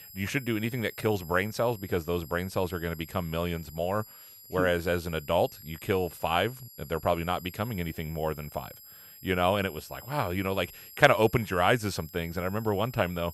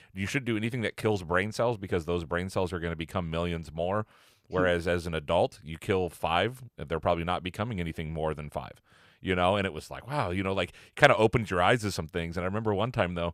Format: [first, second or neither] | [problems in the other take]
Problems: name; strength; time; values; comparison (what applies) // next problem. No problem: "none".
second | high-pitched whine; noticeable; throughout; 11.5 kHz, 20 dB below the speech